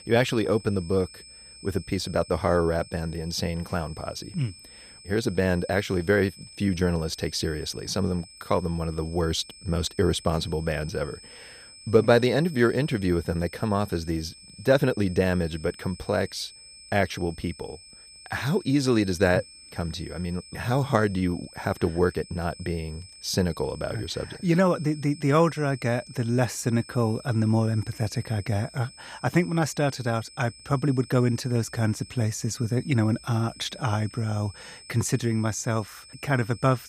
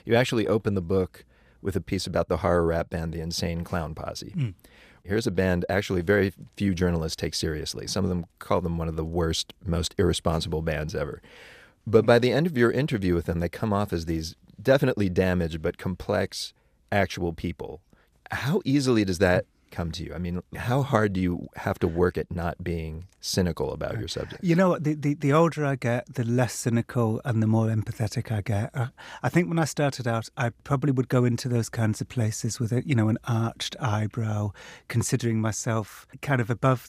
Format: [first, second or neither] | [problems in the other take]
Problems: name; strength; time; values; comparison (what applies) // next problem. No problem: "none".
second | high-pitched whine; noticeable; throughout; 5 kHz, 20 dB below the speech